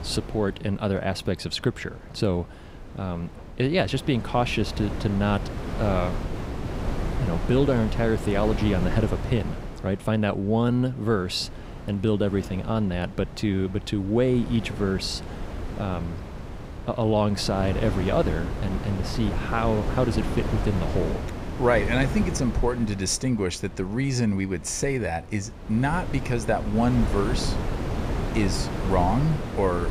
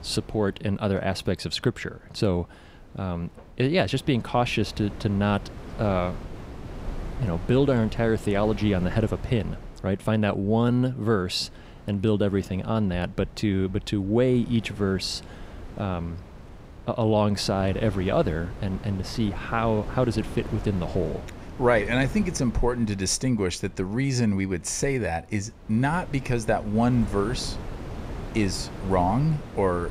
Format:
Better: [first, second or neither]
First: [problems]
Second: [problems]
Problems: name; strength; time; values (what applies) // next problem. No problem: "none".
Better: second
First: wind noise on the microphone; heavy; 8 dB below the speech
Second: wind noise on the microphone; occasional gusts; 15 dB below the speech